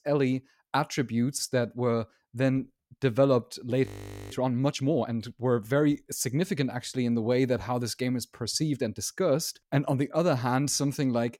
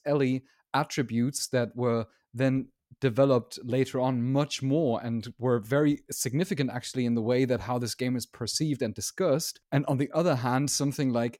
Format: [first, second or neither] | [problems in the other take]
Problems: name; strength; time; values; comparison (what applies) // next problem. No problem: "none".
second | audio freezing; at 4 s